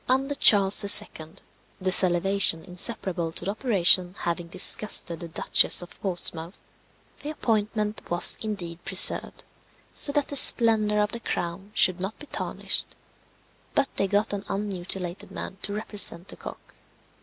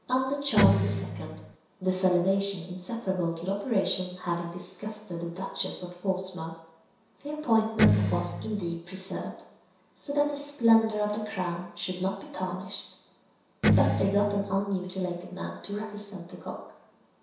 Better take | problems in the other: first | background sound (Electric guitar); 4 dB above the speech // room echo; dies away in 0.7 s

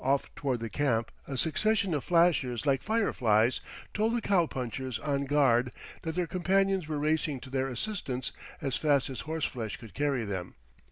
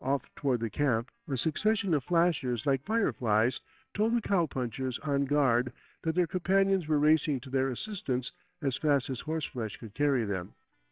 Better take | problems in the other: first | noise reduction (neural separator model SepFormer WHAMR!)

